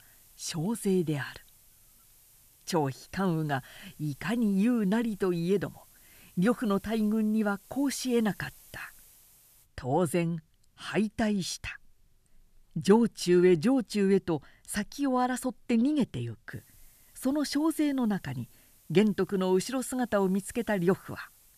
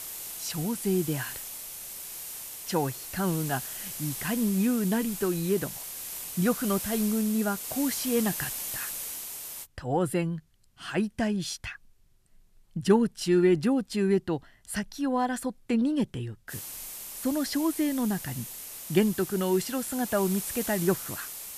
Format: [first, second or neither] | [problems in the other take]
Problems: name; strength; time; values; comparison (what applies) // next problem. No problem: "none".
first | hiss; loud; until 9.5 s and from 17 s on; 7 dB below the speech; faint in the first